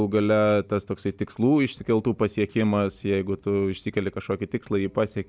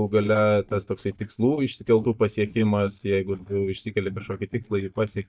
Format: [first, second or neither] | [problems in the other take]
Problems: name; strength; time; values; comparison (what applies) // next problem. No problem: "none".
first | noise reduction (neural mask model DeepFilterNet 3)